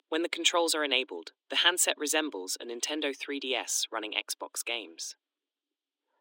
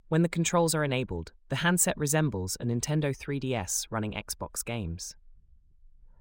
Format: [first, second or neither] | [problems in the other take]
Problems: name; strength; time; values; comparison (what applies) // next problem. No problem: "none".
second | thin; somewhat; fading below 300 Hz